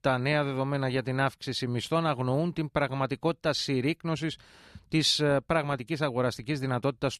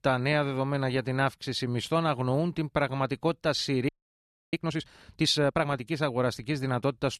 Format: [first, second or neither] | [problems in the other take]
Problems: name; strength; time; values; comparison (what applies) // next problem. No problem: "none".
first | audio freezing; at 4 s for 0.5 s